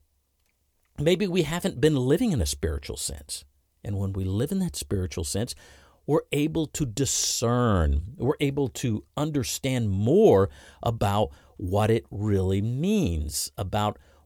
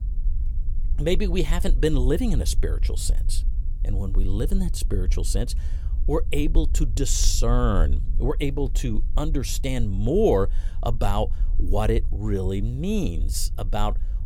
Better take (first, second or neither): first